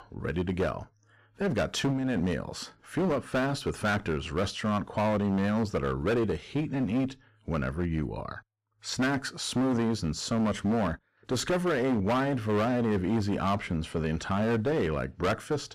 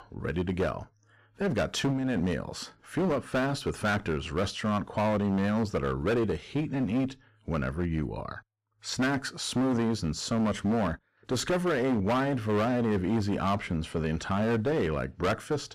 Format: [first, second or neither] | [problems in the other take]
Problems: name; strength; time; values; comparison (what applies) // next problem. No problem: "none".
neither | distortion; heavy; 17% of the sound clipped; the same in both